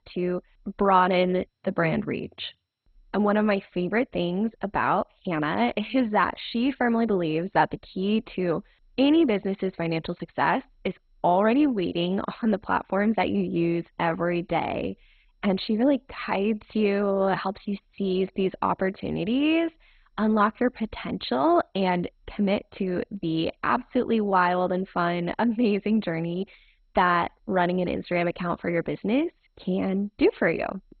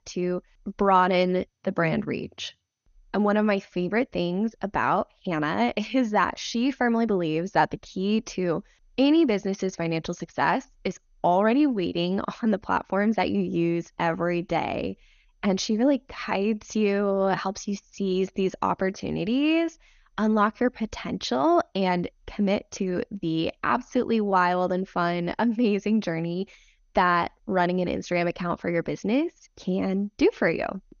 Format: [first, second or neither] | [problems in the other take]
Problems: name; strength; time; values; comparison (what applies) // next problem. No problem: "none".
second | garbled, watery; badly; nothing above 4 kHz; slightly in the second